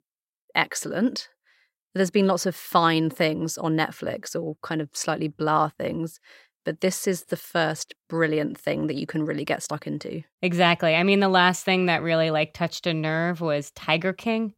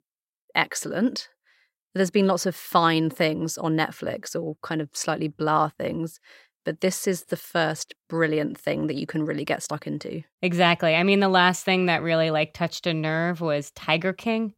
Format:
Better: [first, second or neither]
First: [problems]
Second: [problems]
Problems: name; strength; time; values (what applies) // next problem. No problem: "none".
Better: neither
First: none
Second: none